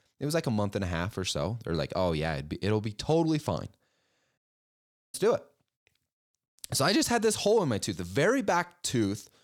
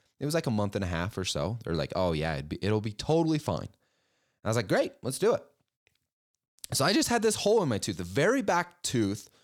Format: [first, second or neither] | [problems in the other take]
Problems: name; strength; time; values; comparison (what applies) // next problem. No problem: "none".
second | audio cutting out; at 4.5 s for 1 s